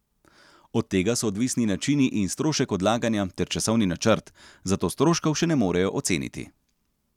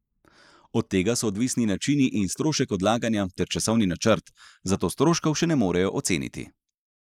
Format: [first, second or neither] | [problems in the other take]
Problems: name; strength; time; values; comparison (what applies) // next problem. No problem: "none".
first | noise reduction (neural mask model Resemble Enhance denoiser)